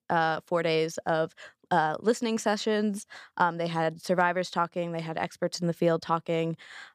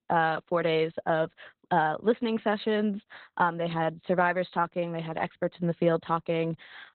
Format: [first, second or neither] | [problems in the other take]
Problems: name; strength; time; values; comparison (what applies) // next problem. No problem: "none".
first | garbled, watery; badly; nothing above 4 kHz